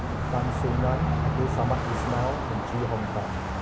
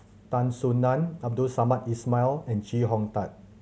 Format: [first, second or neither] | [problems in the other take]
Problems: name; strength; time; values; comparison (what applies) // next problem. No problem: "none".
second | background sound (Car passing by); 3 dB above the speech